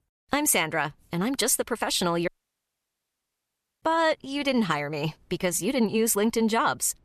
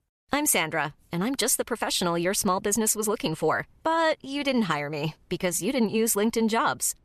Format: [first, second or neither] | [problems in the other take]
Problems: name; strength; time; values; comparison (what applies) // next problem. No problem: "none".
second | audio cutting out; at 2.5 s for 1.5 s